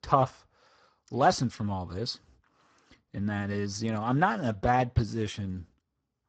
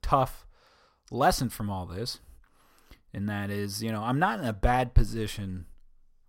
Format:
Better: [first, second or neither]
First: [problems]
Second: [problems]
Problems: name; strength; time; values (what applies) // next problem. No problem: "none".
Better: second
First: garbled, watery; badly; nothing above 7.5 kHz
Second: none